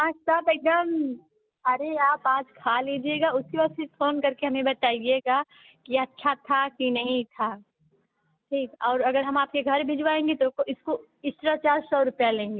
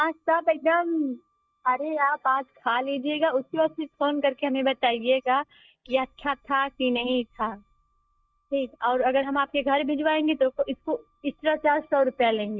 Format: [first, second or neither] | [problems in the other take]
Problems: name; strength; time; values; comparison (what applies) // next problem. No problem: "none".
first | noise reduction (neural mask model DeepFilterNet 3)